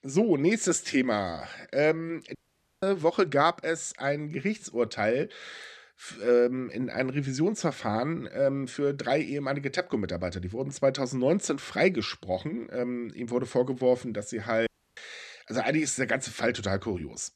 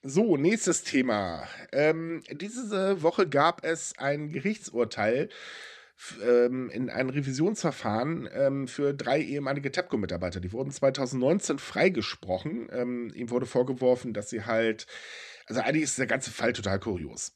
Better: second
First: audio cutting out; at 2.5 s and at 15 s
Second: none

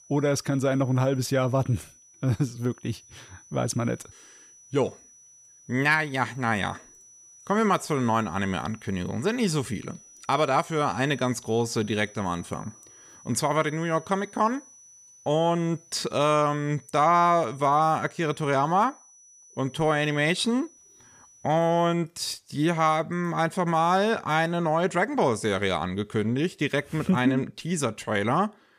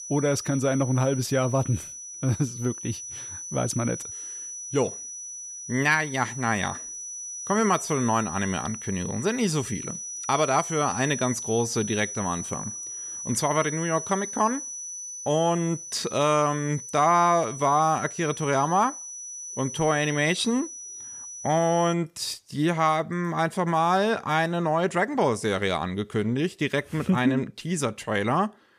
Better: first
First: high-pitched whine; faint; until 22 s; 6 kHz, 25 dB below the speech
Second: high-pitched whine; loud; until 22 s; 6 kHz, 9 dB below the speech

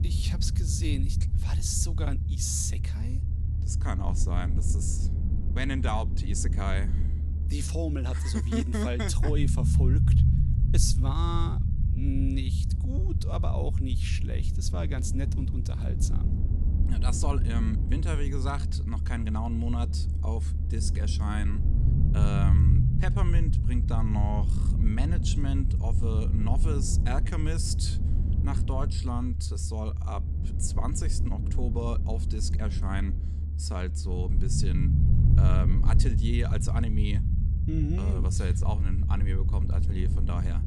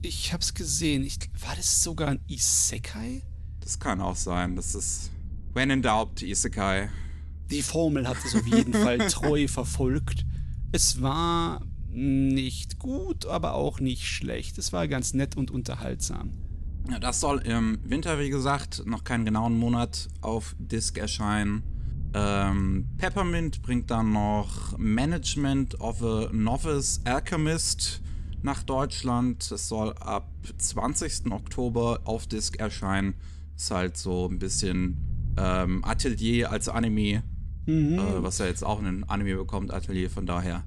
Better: second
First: low rumble; loud; throughout; 5 dB below the speech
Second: low rumble; faint; throughout; 25 dB below the speech

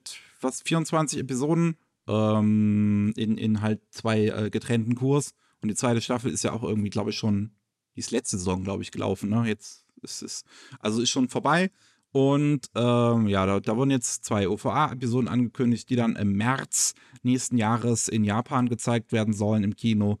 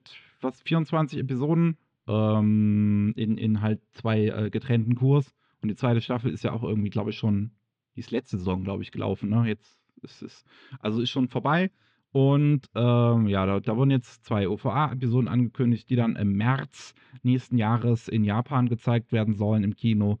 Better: first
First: none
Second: muffled; very; fading above 3.5 kHz

